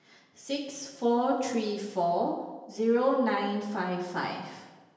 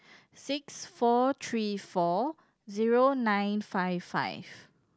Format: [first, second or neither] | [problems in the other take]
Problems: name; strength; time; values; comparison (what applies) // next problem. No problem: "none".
second | room echo; dies away in 1 s